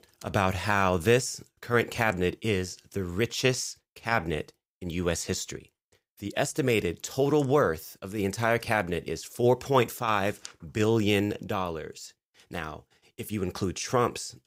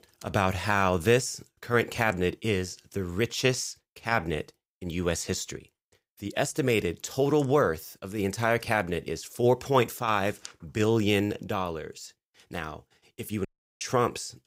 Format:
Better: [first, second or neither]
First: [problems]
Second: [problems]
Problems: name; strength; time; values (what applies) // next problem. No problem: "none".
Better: first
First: none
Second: audio cutting out; at 13 s